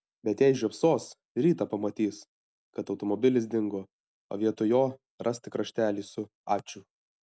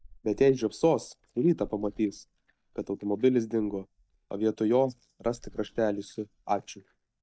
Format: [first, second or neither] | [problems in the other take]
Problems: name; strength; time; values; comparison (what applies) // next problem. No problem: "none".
first | noise reduction (neural mask model DeepFilterNet 3)